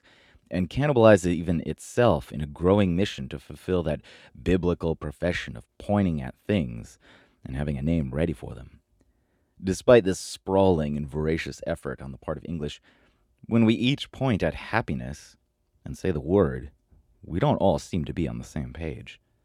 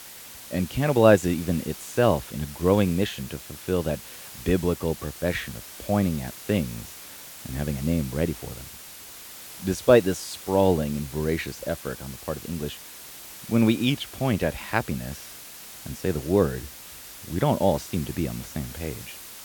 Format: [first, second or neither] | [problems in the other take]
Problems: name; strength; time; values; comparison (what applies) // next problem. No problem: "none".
first | hiss; noticeable; throughout; 15 dB below the speech